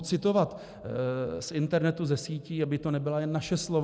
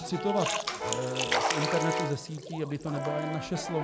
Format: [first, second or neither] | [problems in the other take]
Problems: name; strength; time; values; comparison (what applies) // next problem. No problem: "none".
first | background sound (Brass instrument + Splash, splatter); as loud as the speech